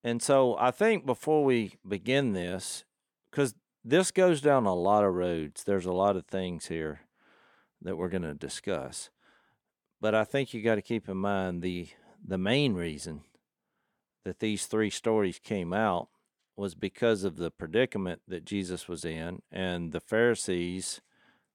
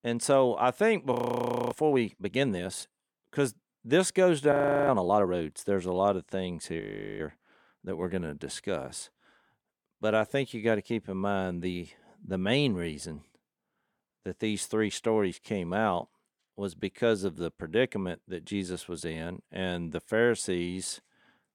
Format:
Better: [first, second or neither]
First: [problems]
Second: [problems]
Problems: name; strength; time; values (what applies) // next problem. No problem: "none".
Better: first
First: none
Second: audio freezing; at 1 s for 0.5 s, at 4.5 s and at 7 s